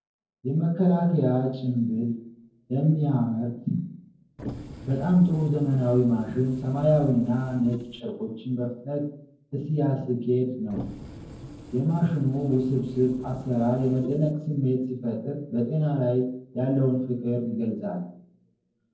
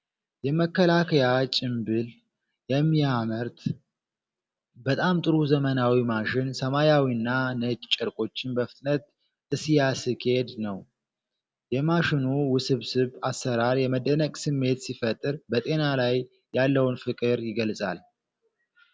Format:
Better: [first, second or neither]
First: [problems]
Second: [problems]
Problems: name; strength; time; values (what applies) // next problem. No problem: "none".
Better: second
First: noise reduction (neural separator model SepFormer DNS4)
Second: none